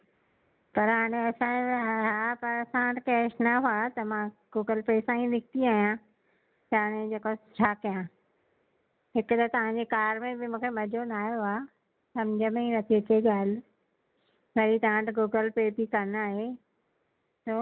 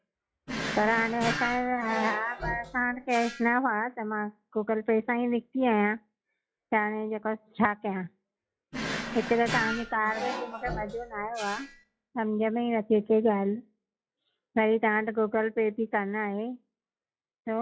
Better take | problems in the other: first | noise reduction (classical method log-MMSE)

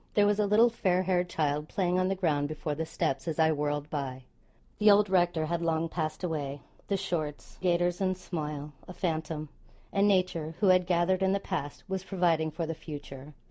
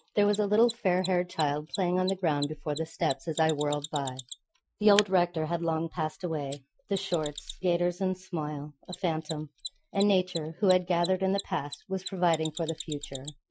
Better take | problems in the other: first | noise reduction (classical method Wiener filter)

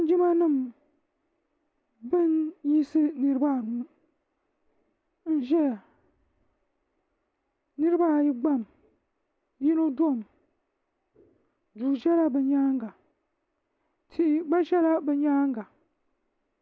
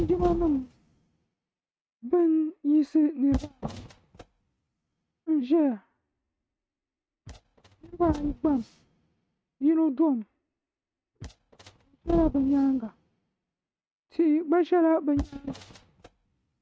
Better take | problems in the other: first | noise reduction (neural mask model RNNoise)

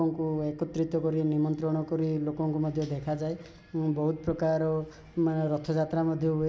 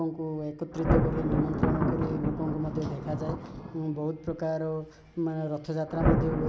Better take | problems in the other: first | background sound (Thunder); 1 dB above the speech

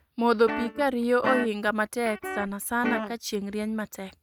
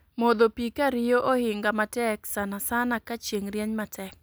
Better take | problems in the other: second | noise reduction (neural mask model RNNoise)

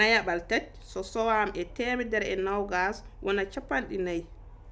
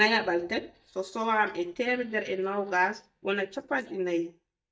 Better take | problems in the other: first | noise reduction (neural mask model DeepFilterNet 3)

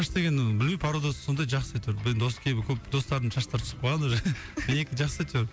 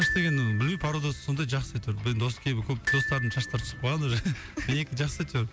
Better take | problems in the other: first | background sound (Glockenspiel); 8 dB below the speech

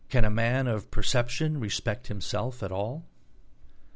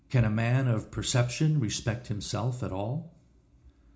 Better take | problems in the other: first | room echo; dies away in 0.4 s

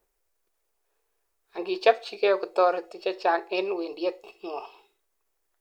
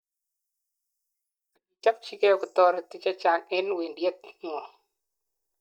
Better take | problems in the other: first | noise reduction (neural mask model DeepFilterNet 3)

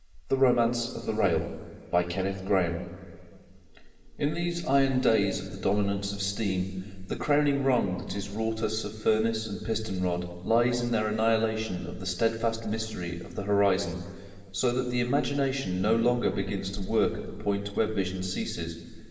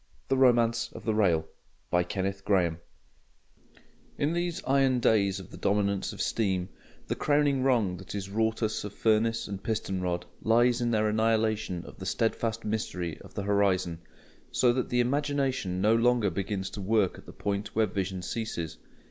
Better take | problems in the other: second | room echo; dies away in 2 s

